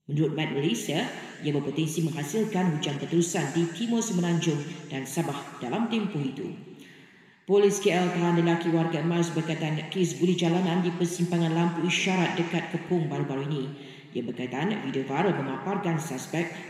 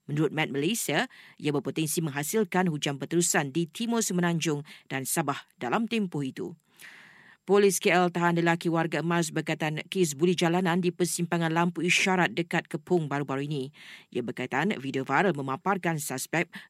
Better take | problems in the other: second | room echo; noticeable; dies away in 2 s

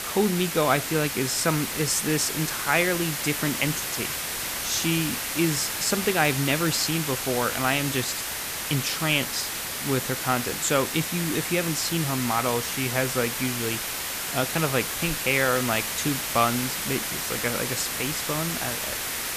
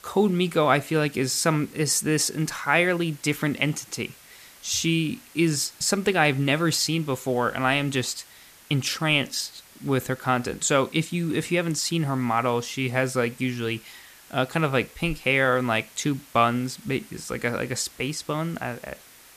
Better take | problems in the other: second | hiss; loud; throughout; 2 dB below the speech; faint in the second

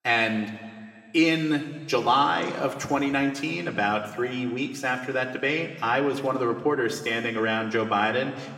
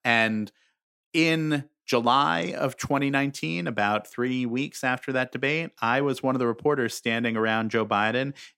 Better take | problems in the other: second | room echo; slight; dies away in 1.9 s // off-mic speech; somewhat distant

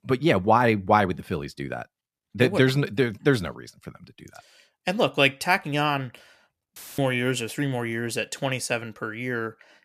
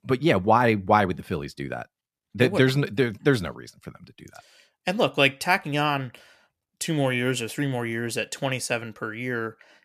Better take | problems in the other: second | audio cutting out; filled with static; at 7 s

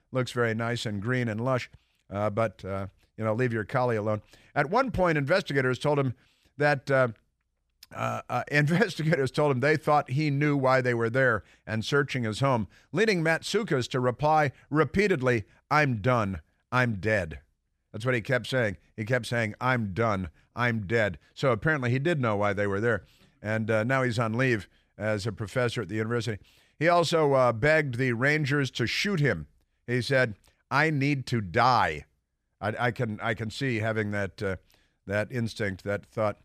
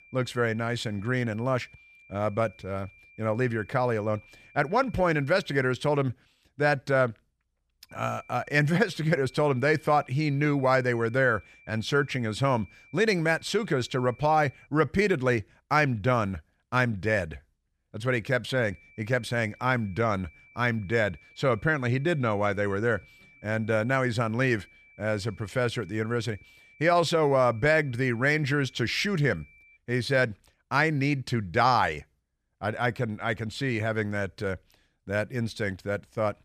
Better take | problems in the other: first | high-pitched whine; faint; until 5.5 s, from 8 to 15 s and from 19 to 30 s; 2.5 kHz, 25 dB below the speech

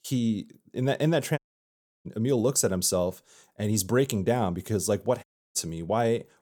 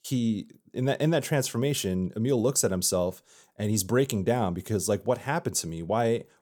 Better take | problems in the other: second | audio cutting out; at 1.5 s for 0.5 s and at 5 s

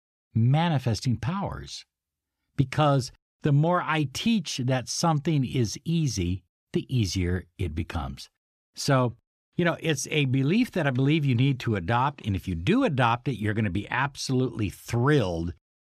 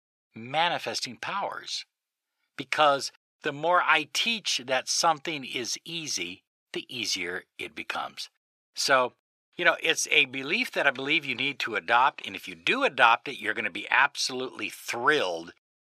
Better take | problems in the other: first | thin; very; fading below 600 Hz

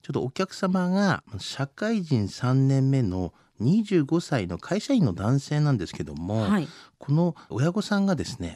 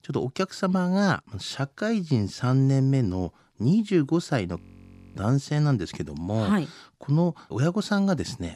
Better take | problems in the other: first | audio freezing; at 4.5 s for 0.5 s

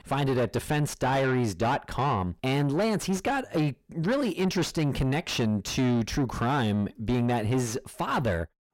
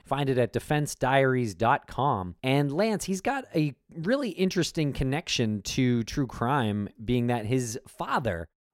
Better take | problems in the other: second | distortion; heavy; 7 dB below the speech

